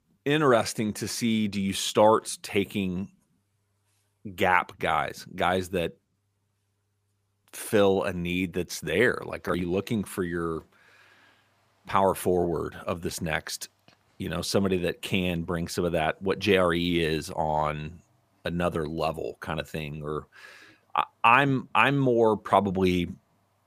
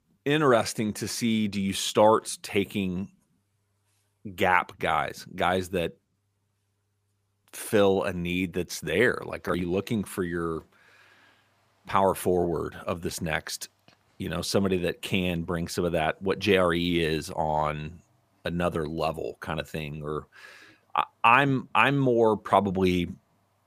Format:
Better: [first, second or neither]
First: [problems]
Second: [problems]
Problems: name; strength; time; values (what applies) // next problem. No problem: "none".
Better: neither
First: none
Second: none